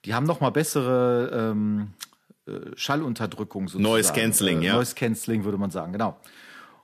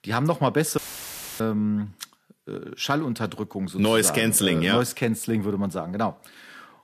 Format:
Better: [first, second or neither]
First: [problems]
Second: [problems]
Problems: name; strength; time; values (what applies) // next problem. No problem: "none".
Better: first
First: none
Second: audio cutting out; filled with static; at 1 s for 0.5 s